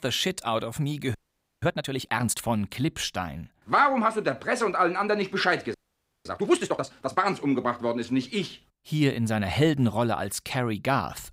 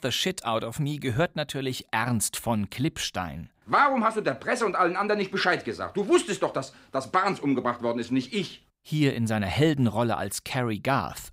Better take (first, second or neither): second